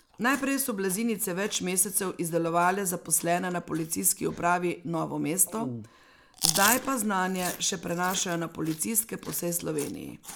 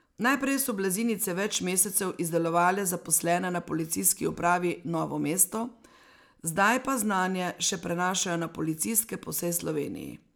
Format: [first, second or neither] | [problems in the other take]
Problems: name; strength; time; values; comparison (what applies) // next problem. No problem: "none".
second | background sound (Chewing, mastication); 10 dB below the speech